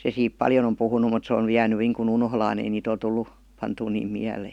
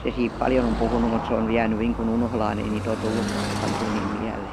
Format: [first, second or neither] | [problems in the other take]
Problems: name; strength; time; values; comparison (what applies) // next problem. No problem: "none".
first | background sound (Car passing by / Traffic noise, roadway noise); 4 dB below the speech